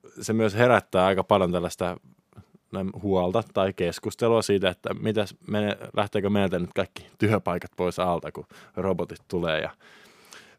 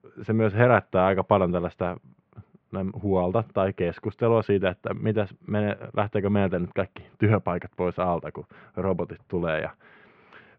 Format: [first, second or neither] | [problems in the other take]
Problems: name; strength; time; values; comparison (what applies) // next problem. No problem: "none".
first | muffled; very; fading above 2.5 kHz